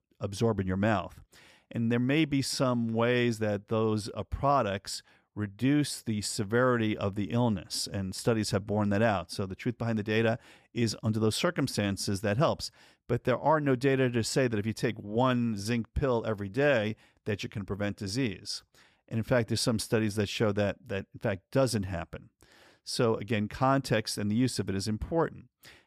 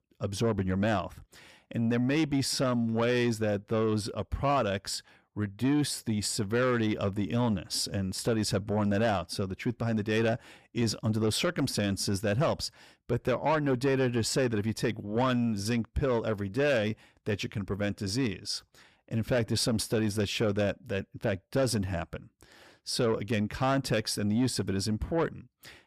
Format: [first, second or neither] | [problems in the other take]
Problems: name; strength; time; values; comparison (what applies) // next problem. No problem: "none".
first | distortion; slight; 10 dB below the speech